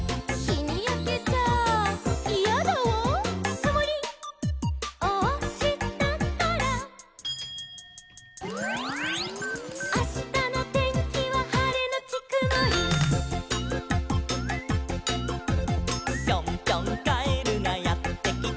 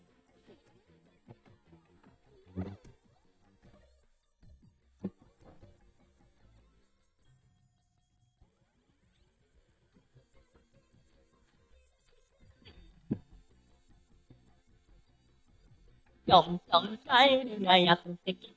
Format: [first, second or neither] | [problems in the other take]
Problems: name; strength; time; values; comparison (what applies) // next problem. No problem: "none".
first | noise reduction (neural mask model DeepFilterNet 3)